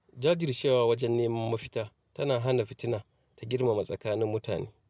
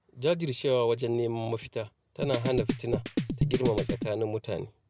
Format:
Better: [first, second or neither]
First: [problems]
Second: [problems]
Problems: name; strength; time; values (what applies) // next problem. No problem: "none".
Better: first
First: none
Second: background sound (Drum kit); 1 dB below the speech